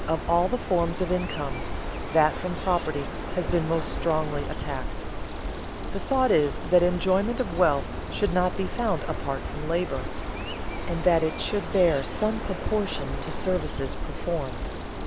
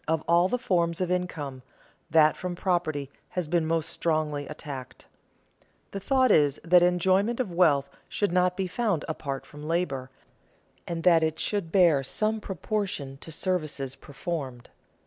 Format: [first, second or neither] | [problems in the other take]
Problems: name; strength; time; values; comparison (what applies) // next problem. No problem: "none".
second | background sound (Bird); 4 dB below the speech